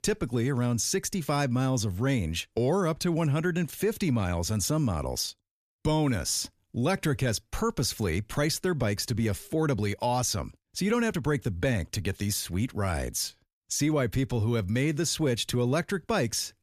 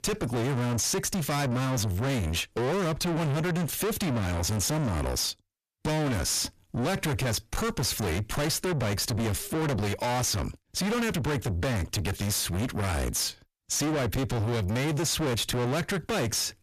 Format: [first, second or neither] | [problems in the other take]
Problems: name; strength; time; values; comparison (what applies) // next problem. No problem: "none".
first | distortion; heavy; 6 dB below the speech